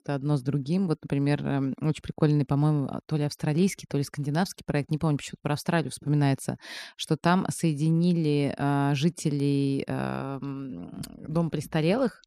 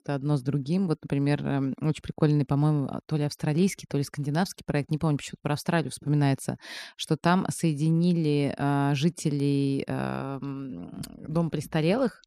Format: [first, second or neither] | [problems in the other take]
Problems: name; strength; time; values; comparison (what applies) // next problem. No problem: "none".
neither | none